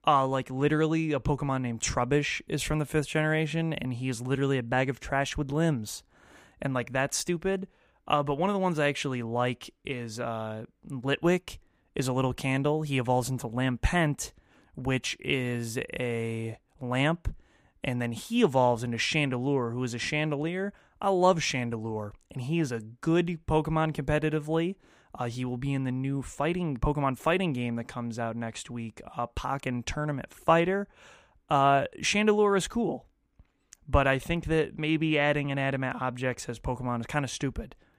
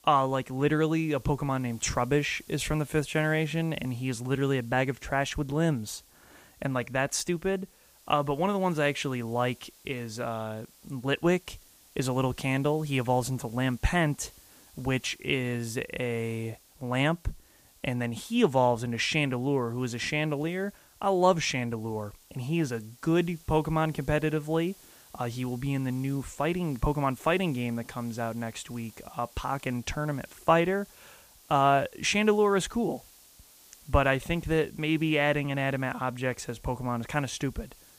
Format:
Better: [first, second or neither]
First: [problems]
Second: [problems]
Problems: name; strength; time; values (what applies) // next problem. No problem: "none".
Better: first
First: none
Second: hiss; faint; throughout; 25 dB below the speech